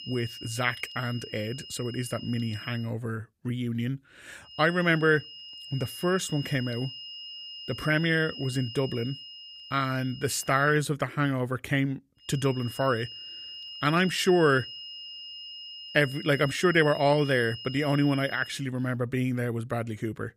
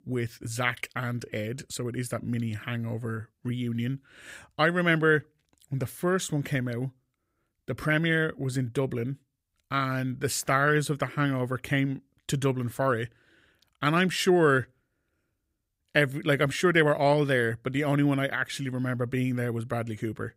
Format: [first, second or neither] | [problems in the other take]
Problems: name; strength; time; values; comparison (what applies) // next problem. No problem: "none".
second | high-pitched whine; noticeable; until 3 s, from 4.5 to 11 s and from 12 to 19 s; 3 kHz, 10 dB below the speech